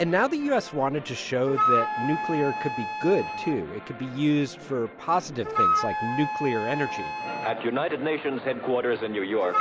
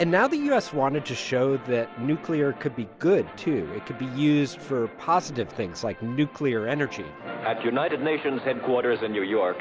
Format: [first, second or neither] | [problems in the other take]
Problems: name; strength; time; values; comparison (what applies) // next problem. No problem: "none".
second | background sound (Wind instrument, woodwind instrument); 4 dB below the speech